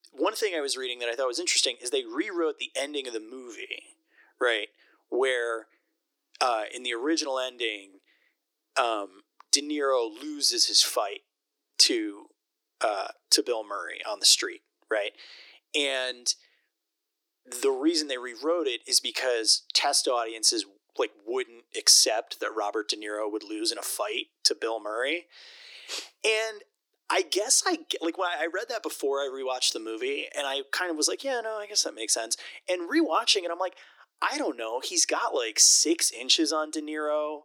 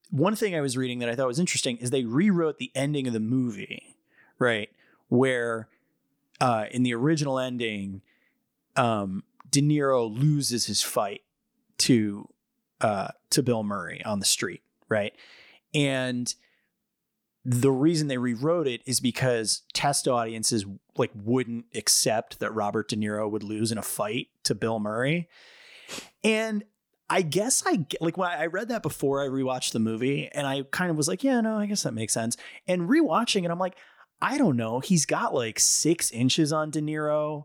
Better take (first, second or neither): second